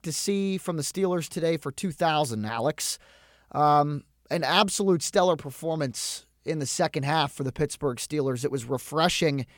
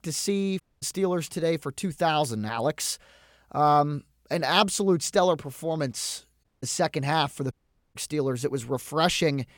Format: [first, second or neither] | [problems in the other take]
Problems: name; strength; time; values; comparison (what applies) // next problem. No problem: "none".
first | audio cutting out; at 0.5 s, at 6.5 s and at 7.5 s